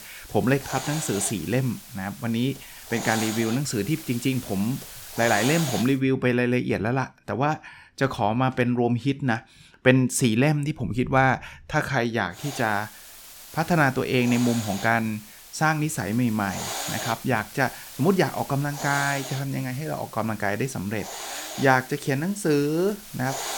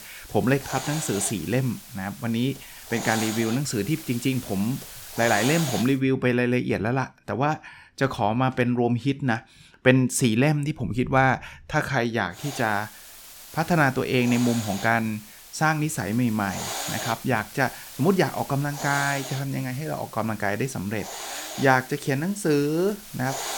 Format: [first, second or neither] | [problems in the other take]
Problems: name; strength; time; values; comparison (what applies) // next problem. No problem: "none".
neither | hiss; noticeable; until 6 s and from 12 s on; 10 dB below the speech; the same in both